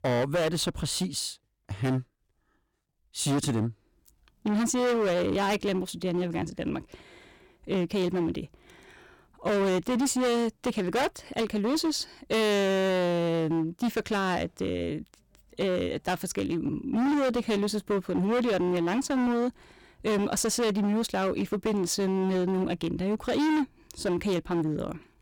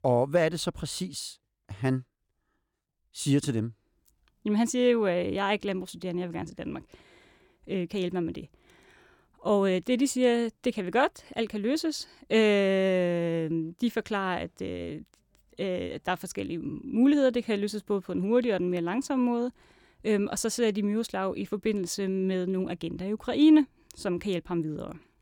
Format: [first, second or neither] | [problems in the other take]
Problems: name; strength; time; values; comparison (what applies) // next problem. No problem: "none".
second | distortion; heavy; 20% of the sound clipped